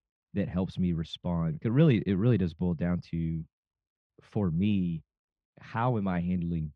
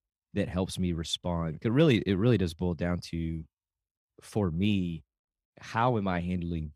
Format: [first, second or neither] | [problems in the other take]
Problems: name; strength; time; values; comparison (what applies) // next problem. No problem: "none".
second | muffled; slightly; fading above 3 kHz